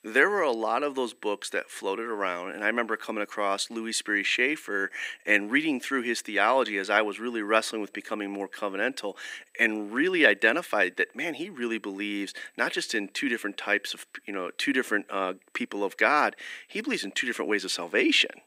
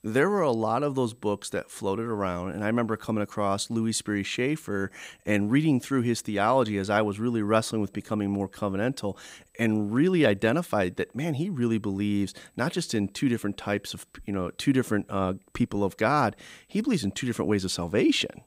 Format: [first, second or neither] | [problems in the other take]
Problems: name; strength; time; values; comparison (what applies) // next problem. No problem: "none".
second | thin; somewhat; fading below 300 Hz